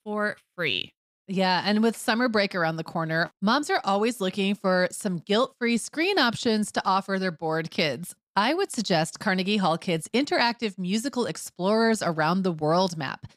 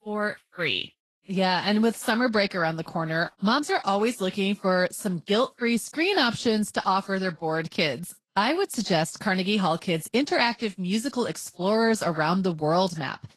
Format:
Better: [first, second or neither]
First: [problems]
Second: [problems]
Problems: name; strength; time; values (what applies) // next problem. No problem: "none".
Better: first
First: none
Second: garbled, watery; slightly; nothing above 12 kHz